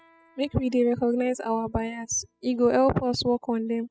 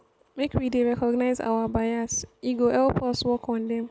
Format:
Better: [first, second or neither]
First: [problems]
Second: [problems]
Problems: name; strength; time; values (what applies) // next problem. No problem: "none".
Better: second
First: noise reduction (classical method spectral subtraction)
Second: none